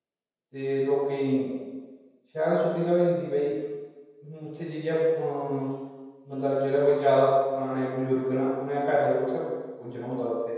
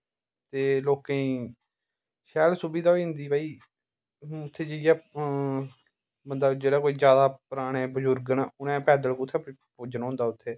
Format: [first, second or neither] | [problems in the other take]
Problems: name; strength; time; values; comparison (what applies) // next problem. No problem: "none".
second | room echo; dies away in 1.2 s